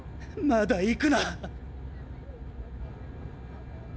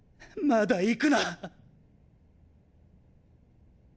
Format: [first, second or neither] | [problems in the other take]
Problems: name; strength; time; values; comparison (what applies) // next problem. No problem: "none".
second | background sound (Aircraft); 9 dB below the speech